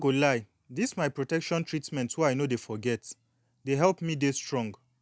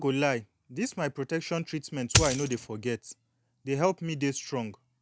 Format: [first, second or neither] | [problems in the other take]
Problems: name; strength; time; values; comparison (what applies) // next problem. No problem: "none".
first | background sound (Coin (dropping)); 5 dB above the speech